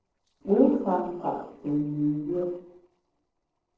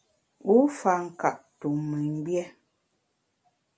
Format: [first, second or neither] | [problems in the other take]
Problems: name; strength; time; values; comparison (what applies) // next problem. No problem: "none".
second | noise reduction (neural separator model SepFormer DNS4)